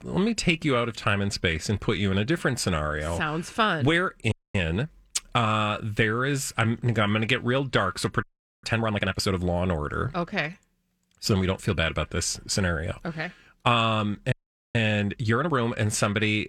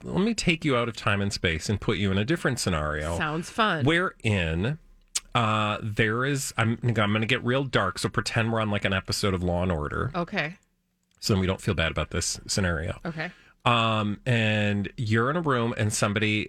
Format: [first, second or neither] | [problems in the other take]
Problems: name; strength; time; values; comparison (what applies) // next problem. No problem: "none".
second | audio freezing; at 4.5 s, at 8 s and at 14 s